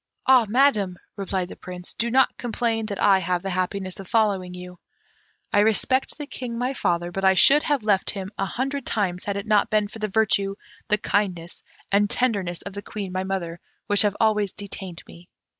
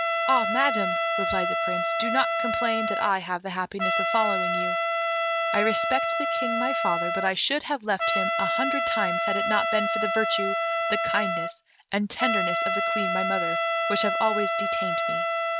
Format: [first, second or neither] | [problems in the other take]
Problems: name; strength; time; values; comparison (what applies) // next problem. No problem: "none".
first | background sound (Trumpet); 3 dB above the speech